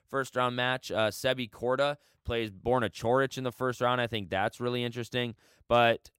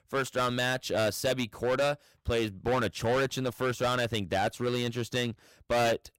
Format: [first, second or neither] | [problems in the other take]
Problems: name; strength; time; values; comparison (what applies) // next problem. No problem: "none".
first | distortion; heavy; 14% of the sound clipped